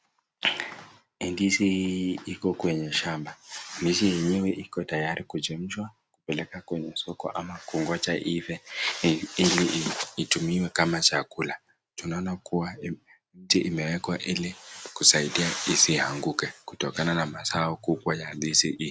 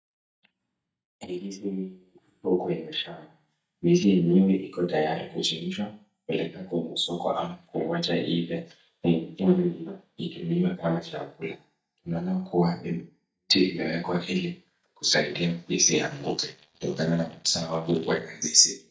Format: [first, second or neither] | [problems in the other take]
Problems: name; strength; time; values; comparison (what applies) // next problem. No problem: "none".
first | noise reduction (neural mask model DeepFilterNet 3)